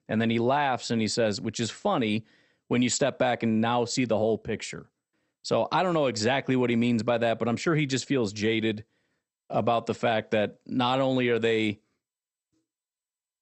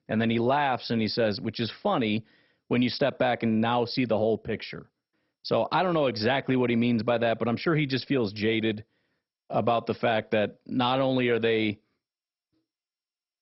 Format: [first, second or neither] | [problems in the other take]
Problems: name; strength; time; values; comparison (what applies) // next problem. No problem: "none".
first | garbled, watery; badly; nothing above 5.5 kHz; slightly in the first